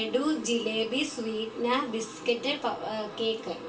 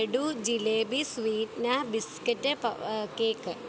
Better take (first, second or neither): second